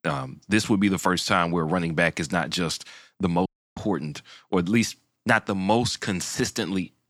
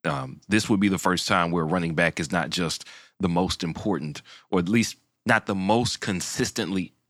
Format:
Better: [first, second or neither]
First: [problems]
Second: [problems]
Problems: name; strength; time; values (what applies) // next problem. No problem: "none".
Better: second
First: audio cutting out; at 3.5 s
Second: none